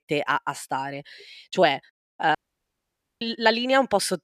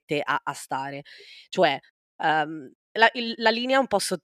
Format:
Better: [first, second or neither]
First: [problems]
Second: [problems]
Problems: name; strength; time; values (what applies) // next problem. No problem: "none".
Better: second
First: audio cutting out; at 2.5 s for 1 s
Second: none